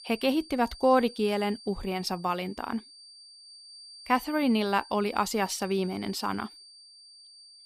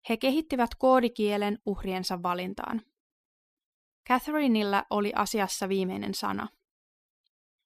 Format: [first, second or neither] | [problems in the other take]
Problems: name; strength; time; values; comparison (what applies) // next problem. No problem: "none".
second | high-pitched whine; noticeable; throughout; 4.5 kHz, 20 dB below the speech